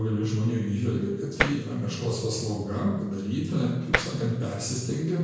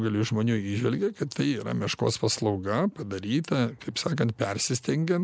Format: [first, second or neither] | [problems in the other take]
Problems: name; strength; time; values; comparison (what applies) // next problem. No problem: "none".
second | background sound (Tap); 1 dB below the speech // room echo; dies away in 1 s